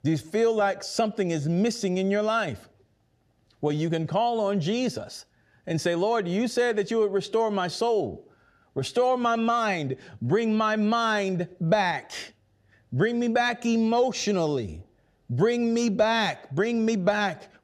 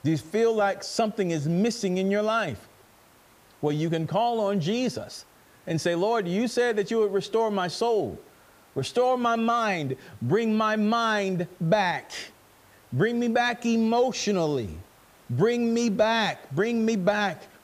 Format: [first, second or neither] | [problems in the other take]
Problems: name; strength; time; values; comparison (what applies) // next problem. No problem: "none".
first | hiss; faint; throughout; 30 dB below the speech